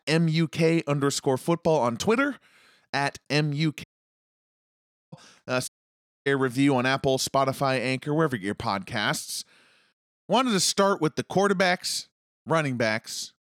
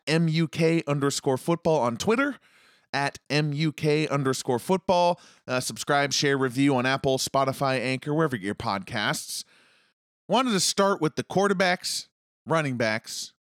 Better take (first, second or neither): second